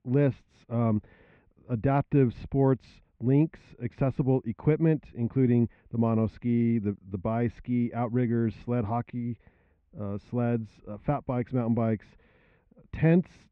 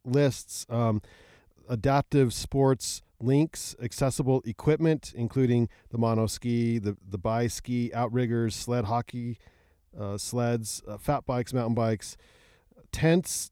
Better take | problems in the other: second | muffled; very; fading above 2.5 kHz

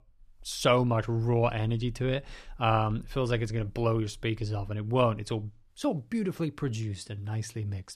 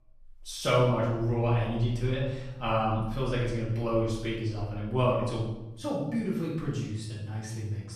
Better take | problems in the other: first | room echo; noticeable; dies away in 0.8 s // off-mic speech; far

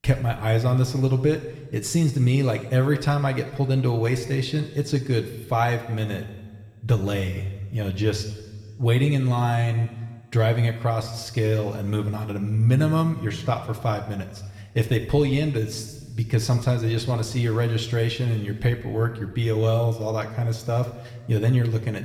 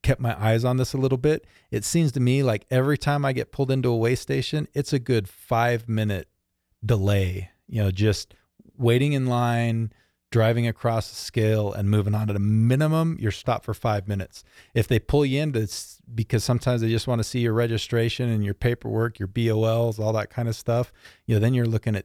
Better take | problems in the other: second | room echo; slight; dies away in 1.3 s

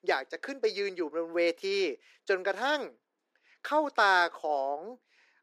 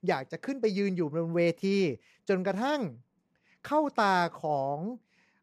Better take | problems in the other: second | thin; very; fading below 300 Hz

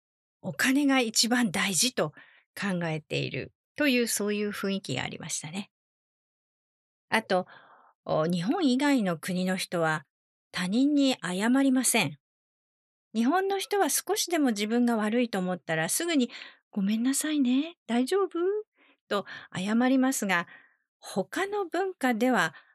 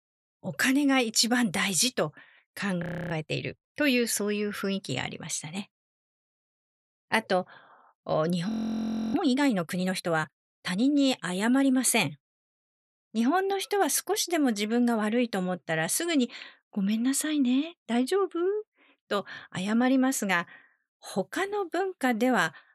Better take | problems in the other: first | audio freezing; at 3 s and at 8.5 s for 0.5 s

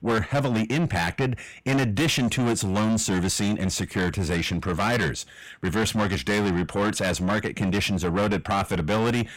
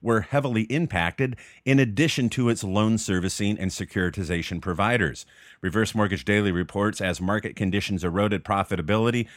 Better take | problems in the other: second | distortion; heavy; 5 dB below the speech

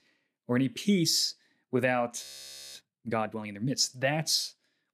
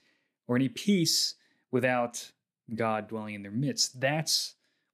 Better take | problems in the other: second | audio freezing; at 2 s for 0.5 s

